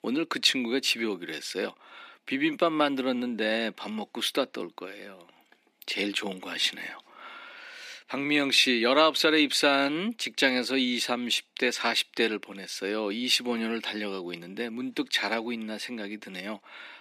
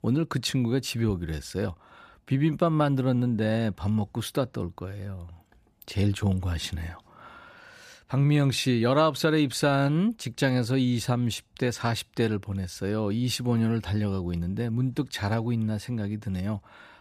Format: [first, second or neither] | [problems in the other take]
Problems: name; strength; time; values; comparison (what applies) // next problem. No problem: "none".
second | thin; somewhat; fading below 250 Hz